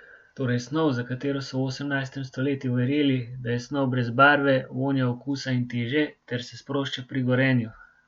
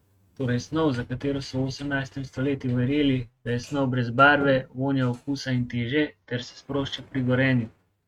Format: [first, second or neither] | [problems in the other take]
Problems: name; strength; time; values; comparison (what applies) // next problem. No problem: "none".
first | noise reduction (neural mask model RNNoise)